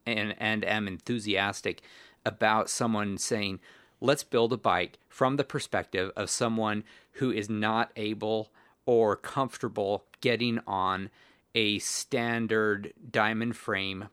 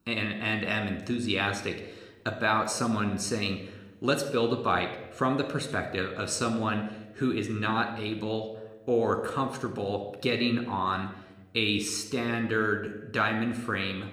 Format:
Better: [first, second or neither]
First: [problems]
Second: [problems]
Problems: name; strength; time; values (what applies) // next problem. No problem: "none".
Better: first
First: none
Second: room echo; slight; dies away in 0.7 s